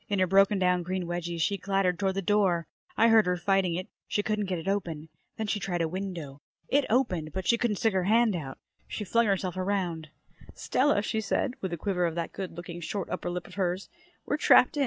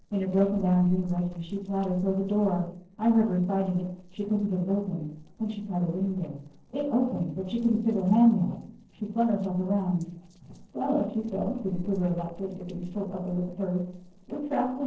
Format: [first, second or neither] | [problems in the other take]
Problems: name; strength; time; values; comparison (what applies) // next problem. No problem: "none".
first | noise reduction (neural separator model SepFormer DNS4)